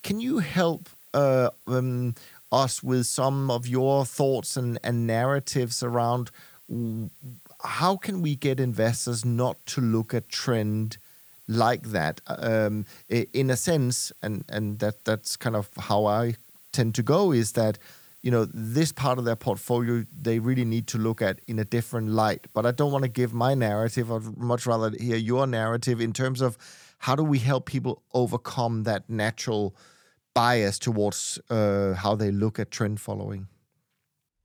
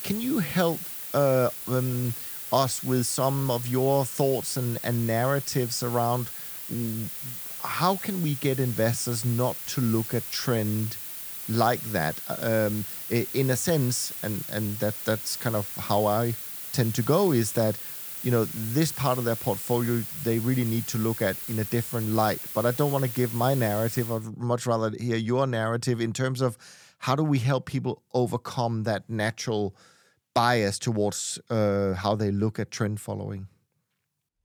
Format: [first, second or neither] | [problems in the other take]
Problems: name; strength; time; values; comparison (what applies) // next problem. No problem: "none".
first | hiss; loud; until 24 s; 5 dB below the speech; faint in the first